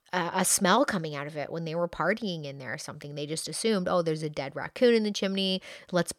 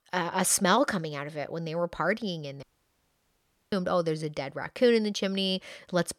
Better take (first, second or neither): first